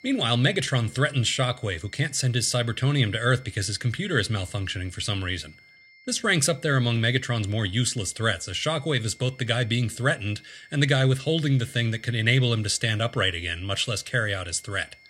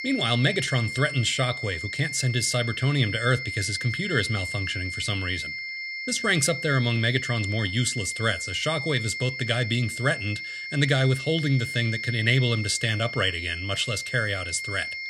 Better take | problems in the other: first | high-pitched whine; loud; throughout; 2 kHz, 6 dB below the speech; faint in the first

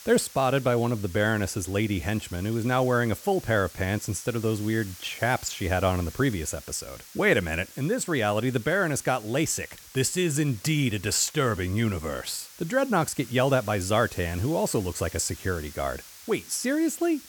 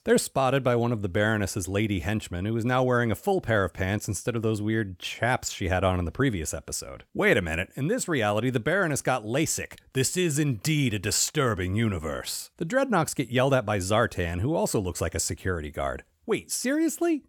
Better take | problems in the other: second | hiss; noticeable; throughout; 15 dB below the speech

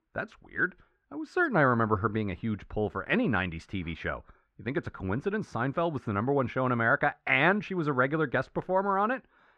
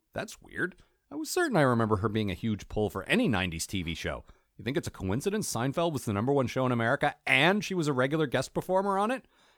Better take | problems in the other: second | muffled; very; fading above 2 kHz

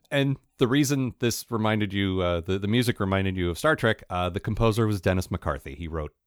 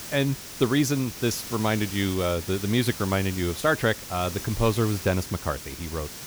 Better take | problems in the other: first | hiss; loud; throughout; 10 dB below the speech

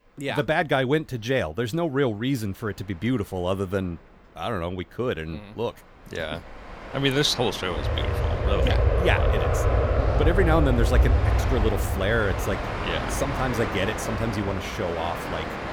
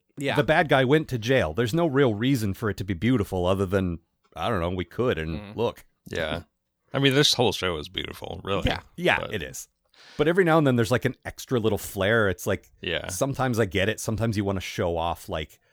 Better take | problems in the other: second | train or aircraft noise; very loud; throughout; 1 dB above the speech

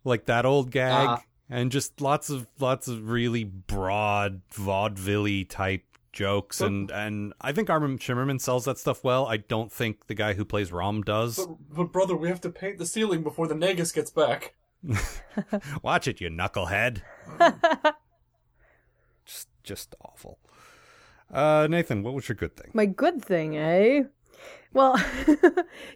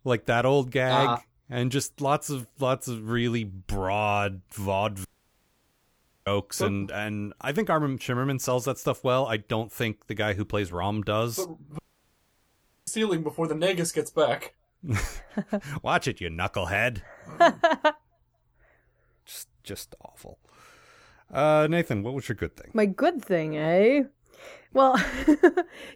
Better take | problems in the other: first | audio cutting out; at 5 s for 1 s and at 12 s for 1 s

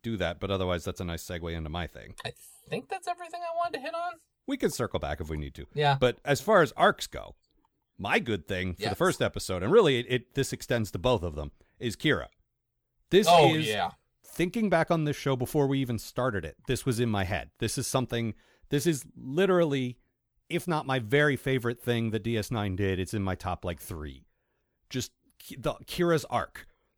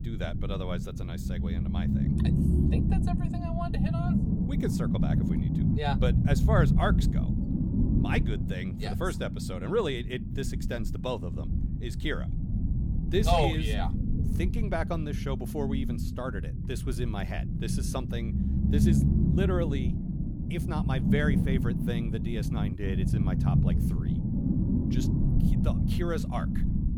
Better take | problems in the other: first | low rumble; loud; throughout; 3 dB below the speech

